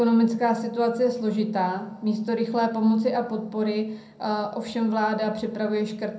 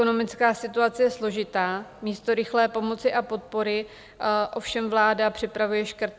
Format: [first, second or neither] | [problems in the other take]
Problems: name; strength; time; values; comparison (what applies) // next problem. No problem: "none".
second | room echo; dies away in 0.5 s